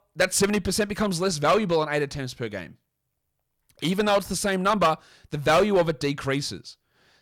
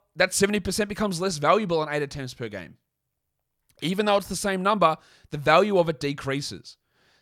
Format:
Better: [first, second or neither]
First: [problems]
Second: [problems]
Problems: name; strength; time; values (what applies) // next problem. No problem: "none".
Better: second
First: distortion; slight; 4% of the sound clipped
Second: none